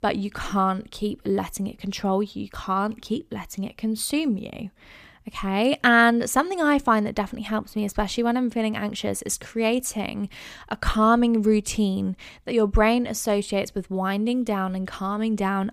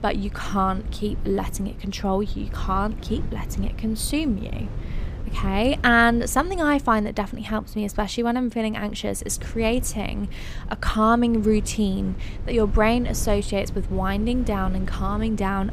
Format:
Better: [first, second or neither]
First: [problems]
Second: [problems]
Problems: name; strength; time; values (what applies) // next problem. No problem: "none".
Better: first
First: none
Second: low rumble; faint; throughout; 20 dB below the speech